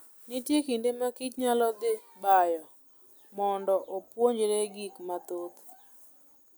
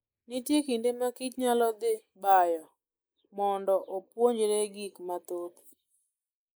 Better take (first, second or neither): first